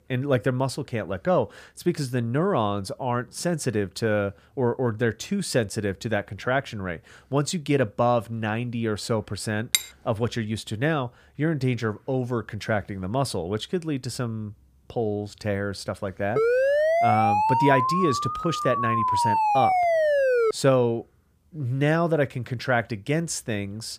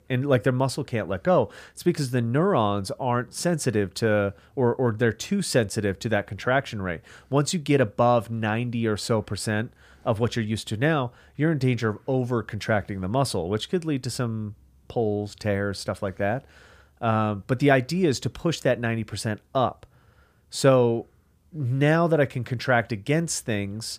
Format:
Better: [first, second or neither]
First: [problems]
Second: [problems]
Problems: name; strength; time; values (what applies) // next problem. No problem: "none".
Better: second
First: clattering dishes; very faint; at 9.5 s; peak 2 dB above the speech // siren; loud; from 16 to 21 s; peak 6 dB above the speech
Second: none